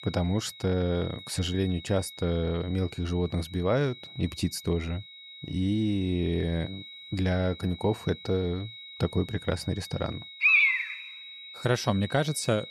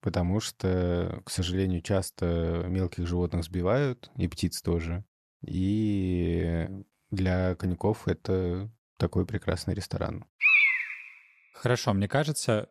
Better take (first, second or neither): second